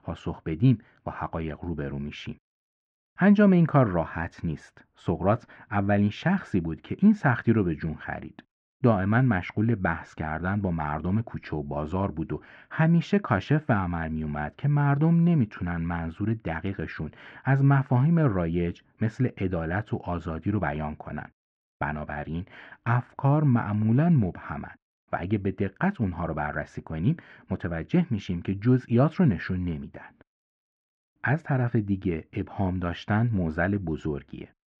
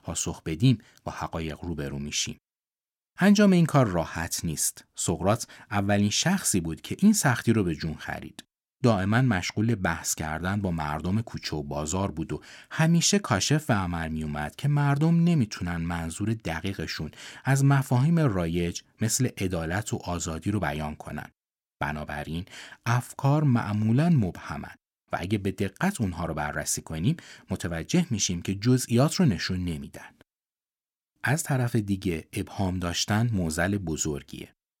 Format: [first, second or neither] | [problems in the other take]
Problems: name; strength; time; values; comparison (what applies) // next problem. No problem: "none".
second | muffled; very; fading above 2 kHz